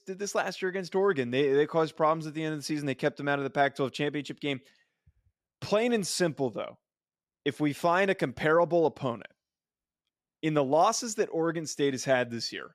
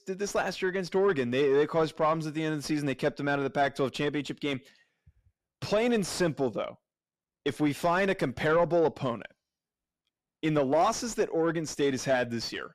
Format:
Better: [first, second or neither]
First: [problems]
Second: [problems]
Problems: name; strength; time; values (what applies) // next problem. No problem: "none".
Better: first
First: none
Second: distortion; slight; 10 dB below the speech